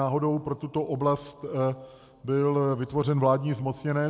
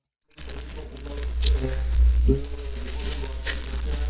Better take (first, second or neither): first